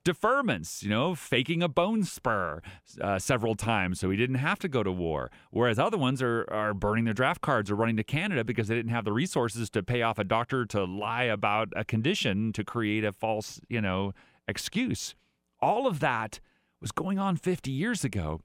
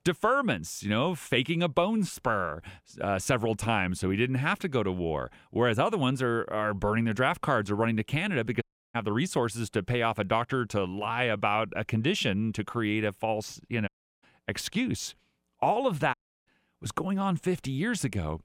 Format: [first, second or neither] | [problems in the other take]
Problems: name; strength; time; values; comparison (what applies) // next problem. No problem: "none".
first | audio cutting out; at 8.5 s, at 14 s and at 16 s